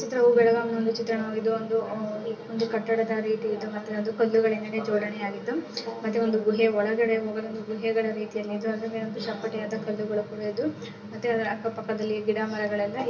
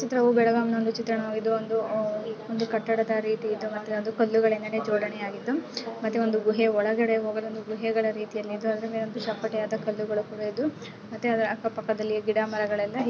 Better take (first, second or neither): second